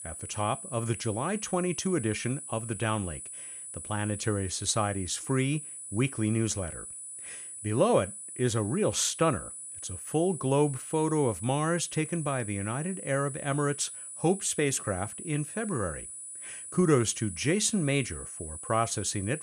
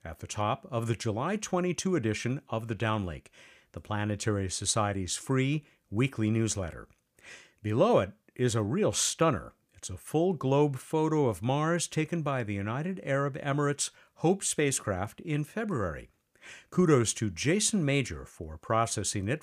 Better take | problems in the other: second | high-pitched whine; loud; throughout; 10 kHz, 9 dB below the speech

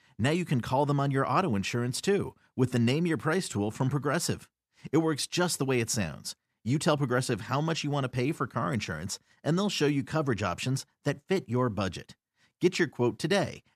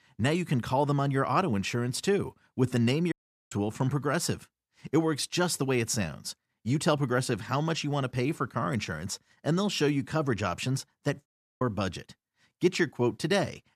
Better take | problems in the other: first | audio cutting out; at 3 s and at 11 s

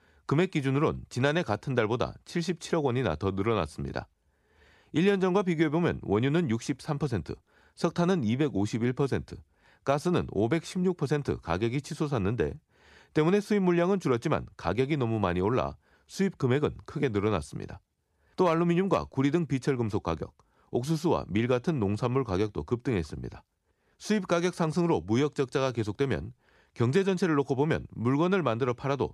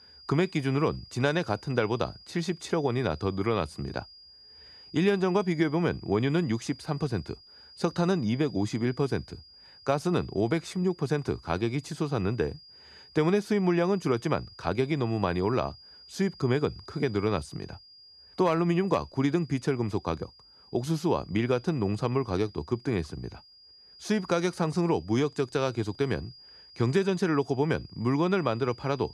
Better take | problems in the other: first | high-pitched whine; faint; throughout; 5 kHz, 20 dB below the speech

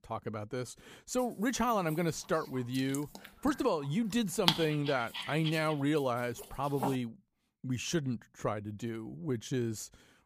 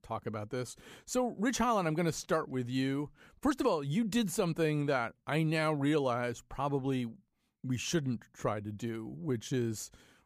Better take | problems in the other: second | dog barking; loud; from 3 to 7 s; peak 4 dB above the speech

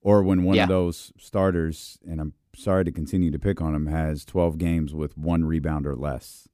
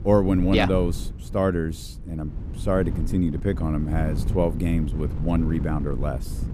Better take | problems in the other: first | wind noise on the microphone; occasional gusts; 15 dB below the speech

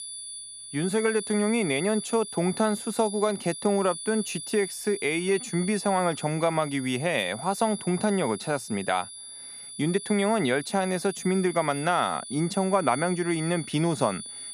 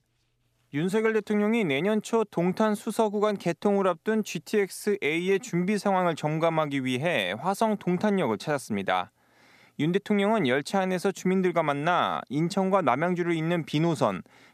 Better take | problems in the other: second | high-pitched whine; noticeable; throughout; 10 kHz, 10 dB below the speech

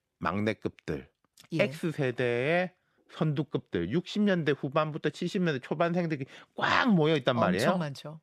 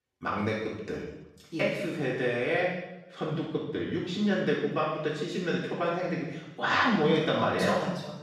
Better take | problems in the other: first | room echo; strong; dies away in 0.8 s // off-mic speech; far

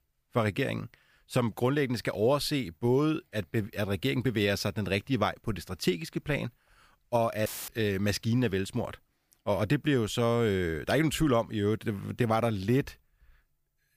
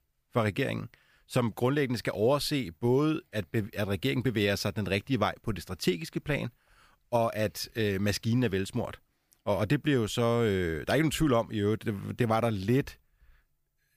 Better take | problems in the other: second | audio cutting out; filled with static; at 7.5 s

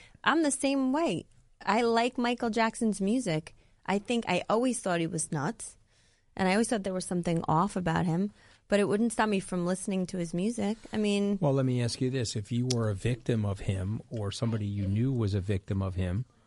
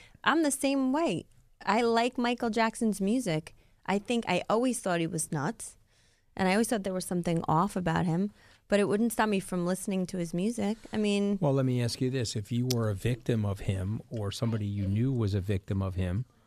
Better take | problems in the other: second | garbled, watery; slightly; nothing above 10.5 kHz

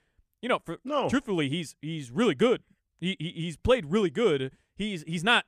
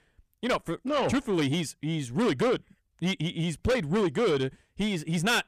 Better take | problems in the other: first | distortion; heavy; 6 dB below the speech

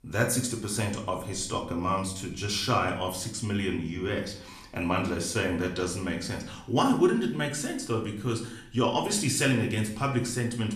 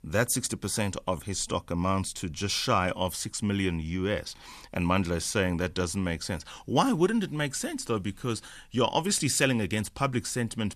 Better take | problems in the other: second | room echo; slight; dies away in 0.5 s // off-mic speech; somewhat distant

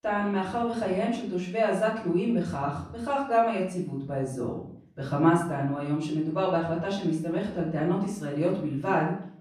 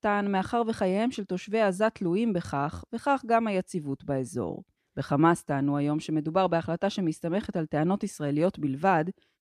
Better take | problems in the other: second | off-mic speech; far // room echo; noticeable; dies away in 0.5 s

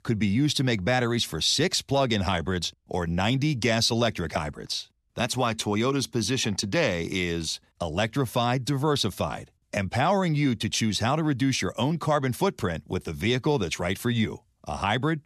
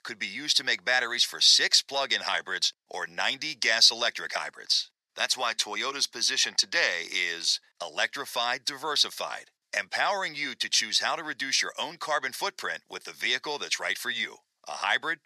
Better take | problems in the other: first | thin; very; fading below 700 Hz

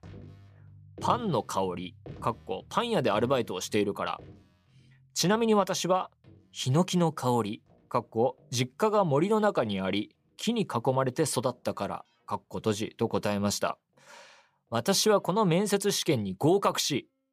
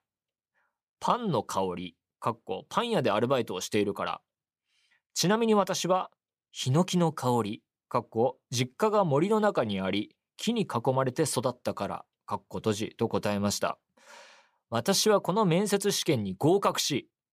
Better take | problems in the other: second | background music; faint; throughout; 20 dB below the speech

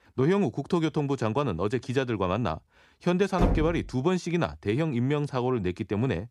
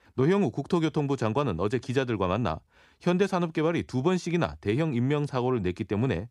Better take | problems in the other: second | door banging; noticeable; at 3.5 s; peak level with the speech

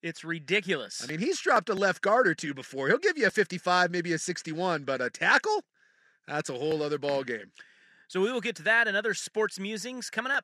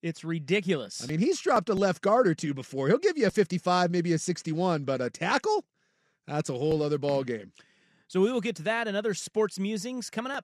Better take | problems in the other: second | thin; somewhat; fading below 700 Hz

